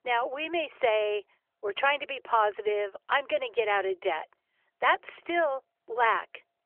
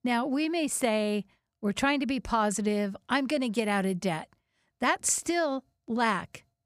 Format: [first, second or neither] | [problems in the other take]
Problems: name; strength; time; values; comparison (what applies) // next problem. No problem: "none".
second | phone-call audio; nothing above 3 kHz